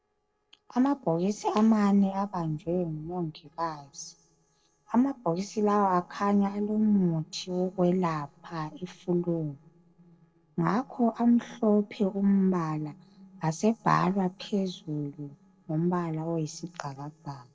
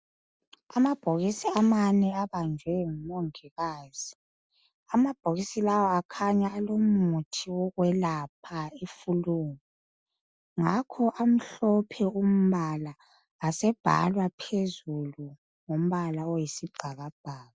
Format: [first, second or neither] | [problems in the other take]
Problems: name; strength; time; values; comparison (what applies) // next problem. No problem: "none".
second | noise reduction (neural separator model SepFormer DNS4)